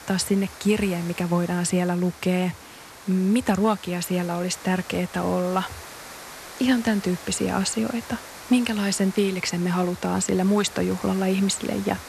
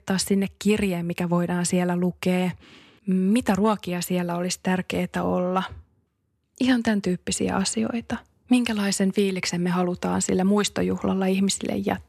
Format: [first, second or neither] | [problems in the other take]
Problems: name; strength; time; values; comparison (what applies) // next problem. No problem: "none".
second | hiss; noticeable; throughout; 15 dB below the speech